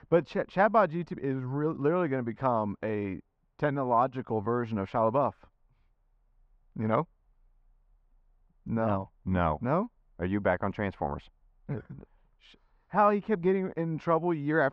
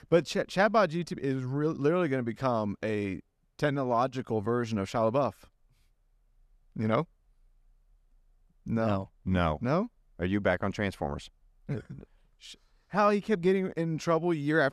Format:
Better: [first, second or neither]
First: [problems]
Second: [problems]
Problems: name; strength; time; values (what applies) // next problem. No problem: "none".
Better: second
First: muffled; very; fading above 2 kHz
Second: none